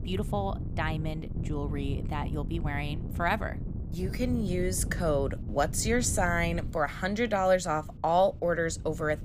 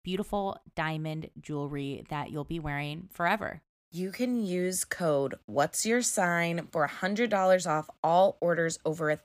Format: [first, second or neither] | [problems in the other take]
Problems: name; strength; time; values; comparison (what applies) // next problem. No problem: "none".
second | wind noise on the microphone; occasional gusts; 20 dB below the speech